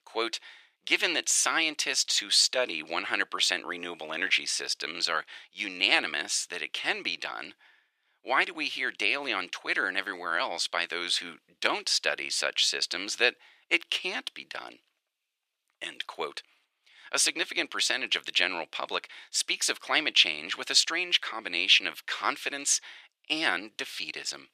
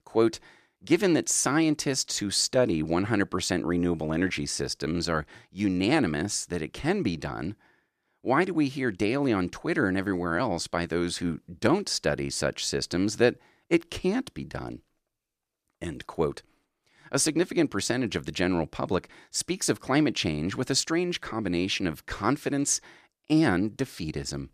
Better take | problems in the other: second | thin; very; fading below 700 Hz

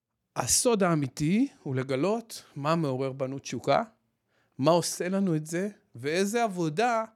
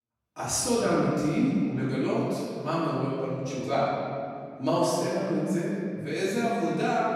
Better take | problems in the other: first | off-mic speech; far // room echo; strong; dies away in 2.1 s

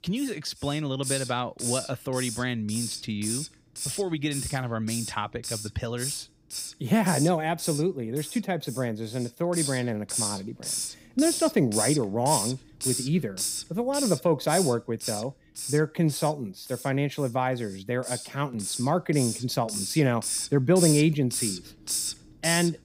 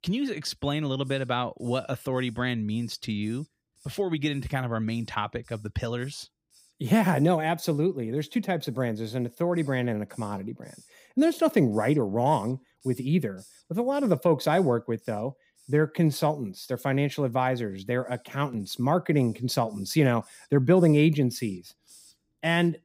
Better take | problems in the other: second | hiss; loud; throughout; 4 dB below the speech; faint in the second

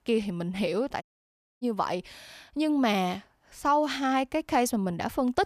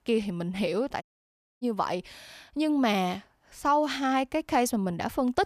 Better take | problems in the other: neither | audio cutting out; at 1 s for 0.5 s; the same in both

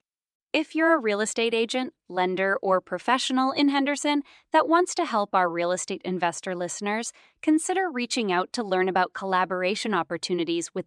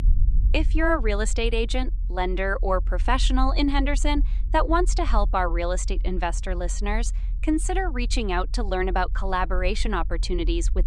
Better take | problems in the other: first | low rumble; faint; throughout; 25 dB below the speech

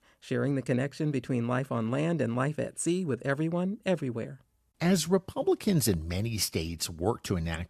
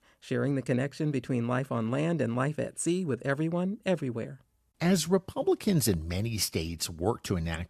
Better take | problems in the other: neither | none

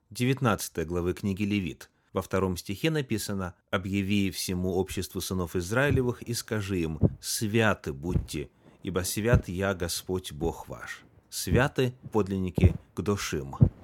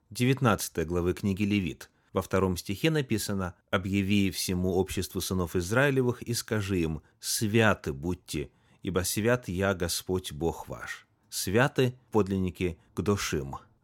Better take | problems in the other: second | footsteps; loud; from 6 s on; peak 4 dB above the speech

